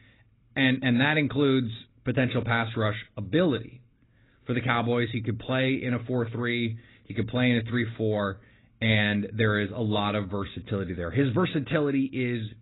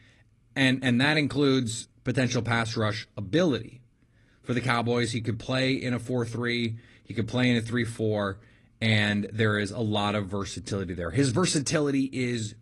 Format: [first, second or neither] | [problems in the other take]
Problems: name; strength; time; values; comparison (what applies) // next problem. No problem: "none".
second | garbled, watery; badly; nothing above 4 kHz; slightly in the second